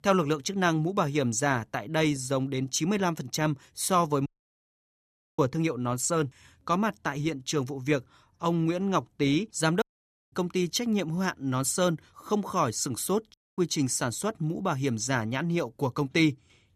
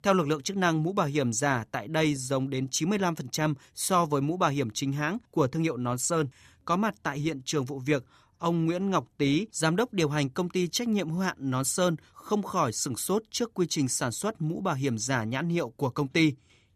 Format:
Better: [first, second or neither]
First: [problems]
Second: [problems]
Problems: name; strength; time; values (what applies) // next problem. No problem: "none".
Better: second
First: audio cutting out; at 4.5 s for 1 s, at 10 s for 0.5 s and at 13 s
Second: none